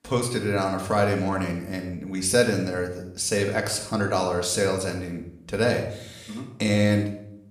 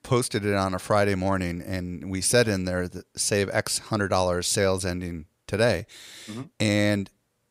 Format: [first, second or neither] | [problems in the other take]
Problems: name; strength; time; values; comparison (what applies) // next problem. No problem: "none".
second | room echo; slight; dies away in 0.6 s // off-mic speech; somewhat distant